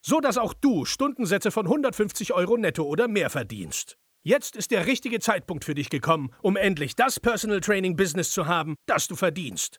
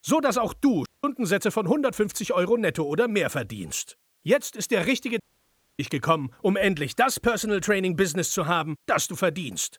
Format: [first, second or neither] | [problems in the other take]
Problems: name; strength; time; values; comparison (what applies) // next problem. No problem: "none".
first | audio cutting out; at 1 s and at 5 s for 0.5 s